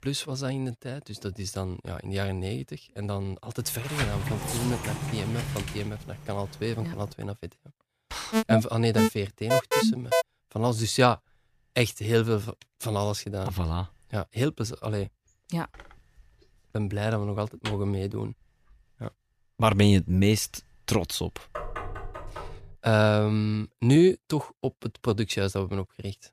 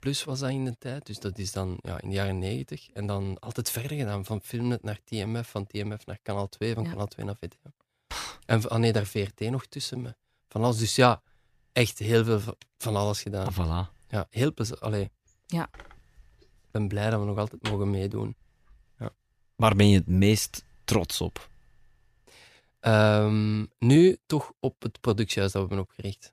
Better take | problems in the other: second | door banging; noticeable; from 3.5 to 7 s and from 22 to 23 s; peak 2 dB below the speech // alarm; loud; from 8.5 to 10 s; peak 4 dB above the speech

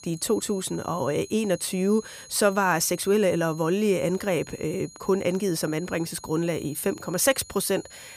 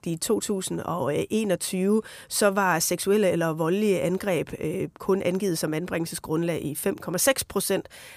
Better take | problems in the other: second | high-pitched whine; noticeable; throughout; 6.5 kHz, 20 dB below the speech

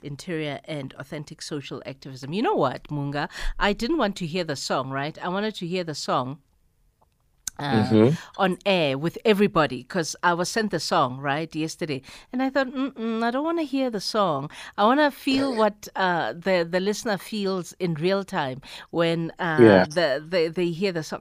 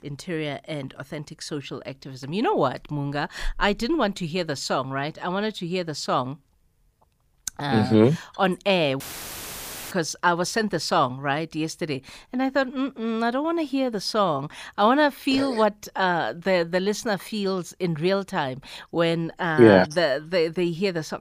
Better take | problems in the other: first | audio cutting out; filled with static; at 9 s for 1 s

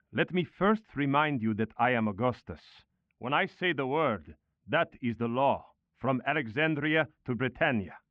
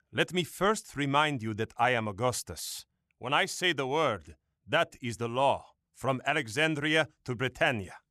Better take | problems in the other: second | muffled; very; fading above 2.5 kHz

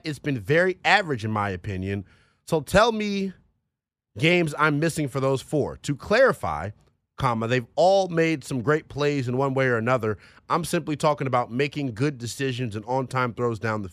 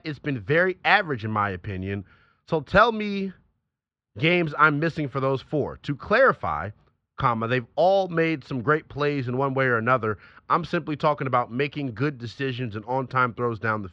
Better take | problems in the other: first | muffled; slightly; fading above 4 kHz

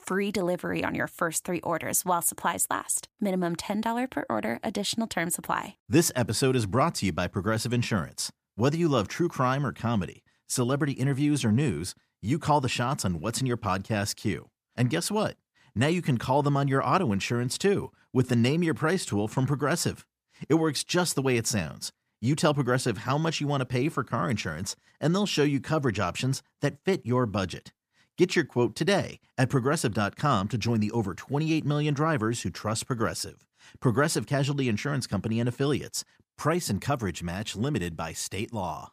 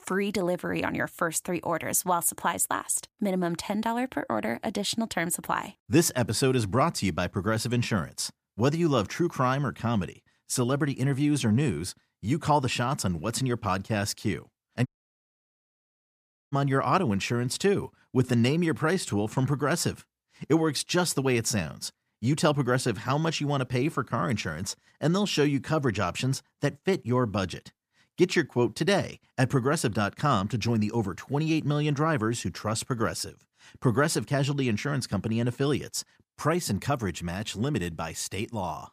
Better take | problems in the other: first | audio cutting out; at 15 s for 1.5 s

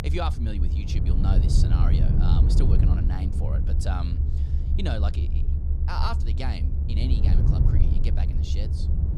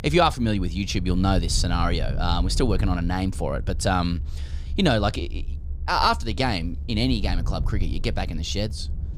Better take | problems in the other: second | low rumble; loud; throughout; 2 dB below the speech; faint in the second

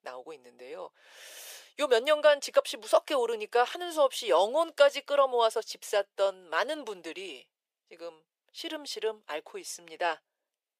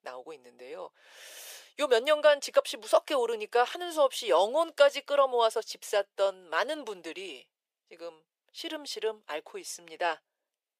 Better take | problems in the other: neither | thin; very; fading below 450 Hz; the same in both

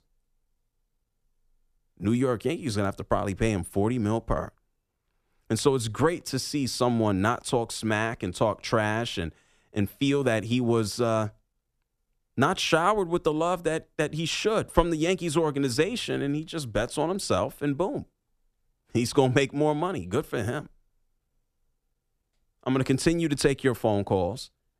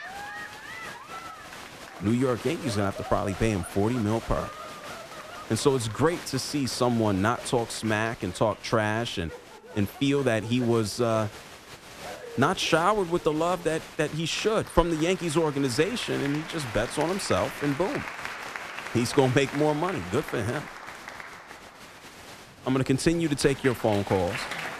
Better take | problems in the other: first | crowd noise; noticeable; throughout; 10 dB below the speech

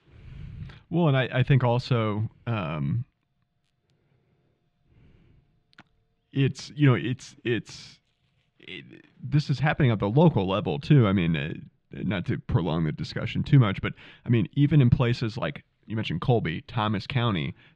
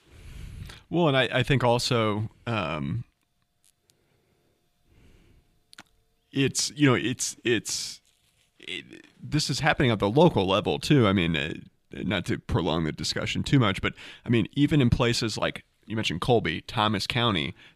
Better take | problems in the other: second | muffled; slightly; fading above 3 kHz

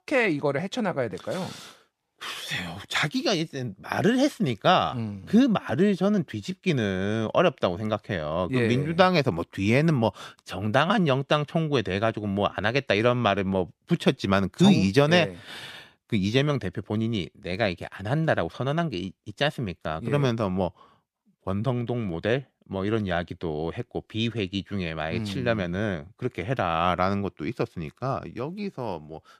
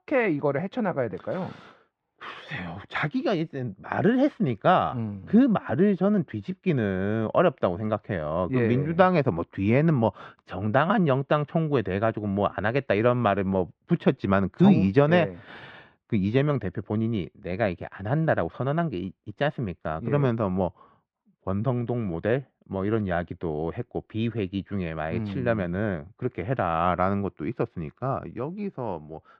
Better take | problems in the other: first | muffled; very; fading above 2 kHz

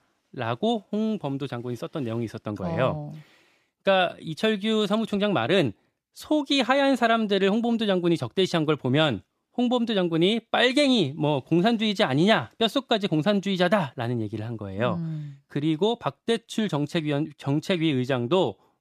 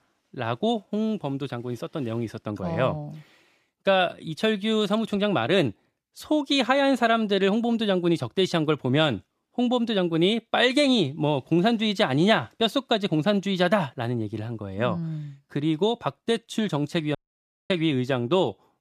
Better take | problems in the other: first | audio cutting out; at 17 s for 0.5 s

